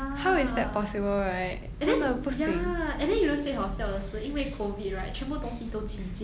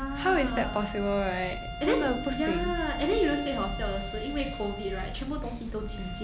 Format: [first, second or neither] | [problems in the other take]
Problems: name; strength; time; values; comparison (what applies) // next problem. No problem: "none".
first | background sound (Bowed string instrument); 11 dB below the speech